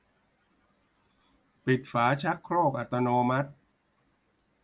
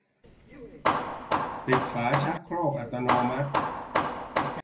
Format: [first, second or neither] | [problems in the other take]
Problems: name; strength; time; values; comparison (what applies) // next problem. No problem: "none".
first | background sound (Hammer); 2 dB above the speech // room echo; dies away in 0.3 s